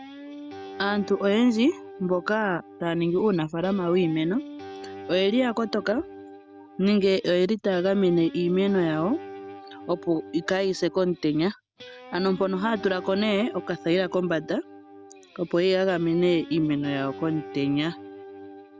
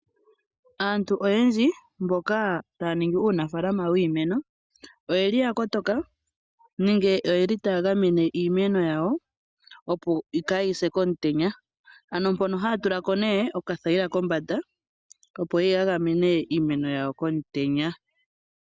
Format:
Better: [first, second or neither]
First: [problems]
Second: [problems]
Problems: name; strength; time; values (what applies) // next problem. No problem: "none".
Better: second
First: background sound (Guitar); 16 dB below the speech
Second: none